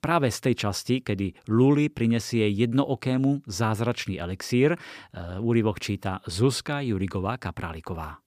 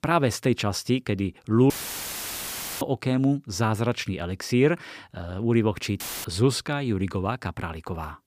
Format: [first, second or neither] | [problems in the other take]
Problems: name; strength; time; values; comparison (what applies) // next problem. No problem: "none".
first | audio cutting out; filled with static; at 1.5 s for 1 s and at 6 s